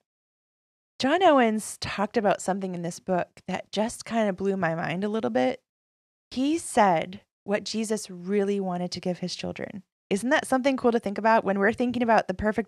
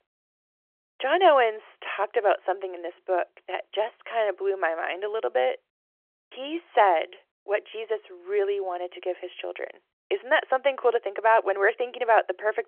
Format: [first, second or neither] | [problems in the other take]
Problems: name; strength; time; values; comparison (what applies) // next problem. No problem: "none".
first | phone-call audio